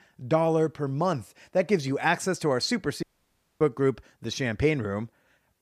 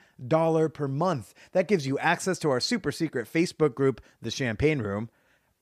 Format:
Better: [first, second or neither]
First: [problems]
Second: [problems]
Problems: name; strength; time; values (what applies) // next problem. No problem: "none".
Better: second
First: audio cutting out; at 3 s for 0.5 s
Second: none